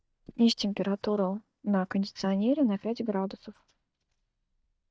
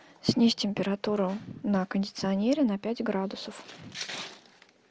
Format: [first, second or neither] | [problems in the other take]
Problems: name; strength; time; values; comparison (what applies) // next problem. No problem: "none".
second | noise reduction (neural mask model DeepFilterNet 3)